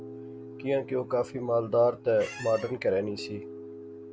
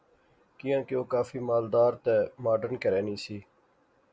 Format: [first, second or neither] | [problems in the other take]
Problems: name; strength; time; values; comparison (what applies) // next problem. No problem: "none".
second | background sound (Piano + Squeak); 14 dB below the speech